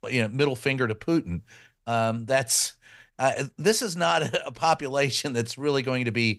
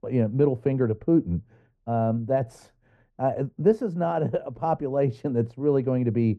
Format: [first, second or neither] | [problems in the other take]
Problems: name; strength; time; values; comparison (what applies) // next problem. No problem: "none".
first | muffled; very; fading above 1.5 kHz